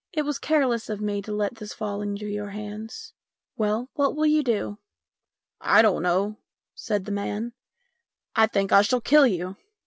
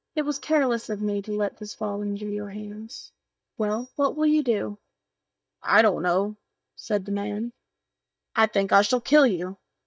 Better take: first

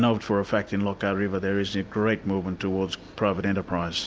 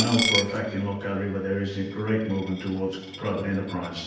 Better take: first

